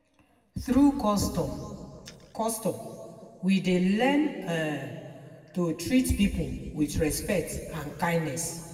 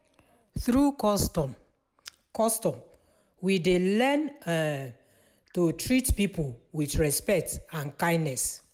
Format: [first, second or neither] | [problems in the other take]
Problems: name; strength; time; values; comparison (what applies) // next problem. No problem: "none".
second | room echo; dies away in 1.9 s